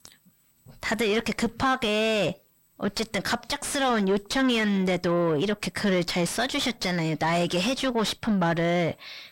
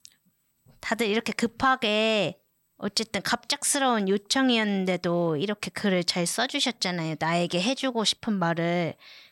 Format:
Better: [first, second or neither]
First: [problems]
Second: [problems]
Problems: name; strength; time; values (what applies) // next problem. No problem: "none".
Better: second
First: distortion; heavy; 6 dB below the speech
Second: none